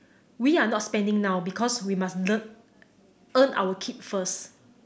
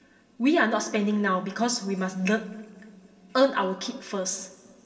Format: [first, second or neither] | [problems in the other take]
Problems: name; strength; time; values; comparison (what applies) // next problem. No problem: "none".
first | room echo; dies away in 2 s